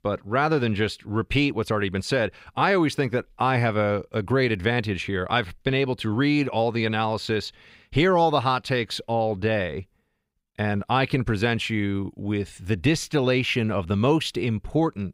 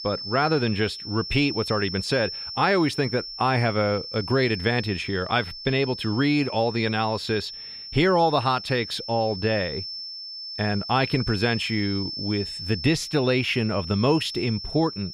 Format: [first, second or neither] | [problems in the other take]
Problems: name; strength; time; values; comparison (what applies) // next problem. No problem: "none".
first | high-pitched whine; loud; throughout; 5.5 kHz, 9 dB below the speech